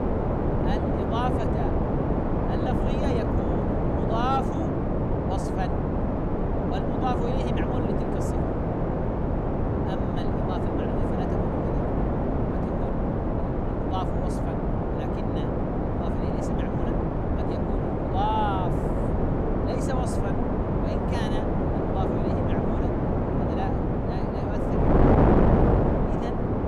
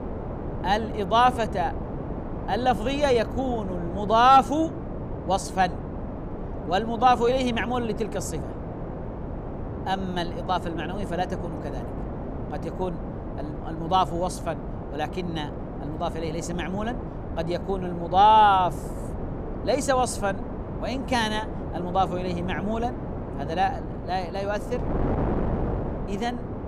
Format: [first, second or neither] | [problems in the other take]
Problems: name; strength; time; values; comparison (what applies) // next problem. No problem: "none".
second | wind noise on the microphone; heavy; 5 dB above the speech; occasional gusts in the second